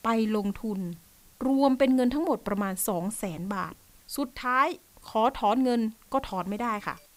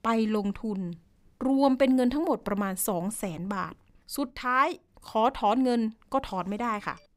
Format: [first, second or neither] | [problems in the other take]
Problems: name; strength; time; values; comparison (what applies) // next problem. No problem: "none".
second | hiss; faint; throughout; 30 dB below the speech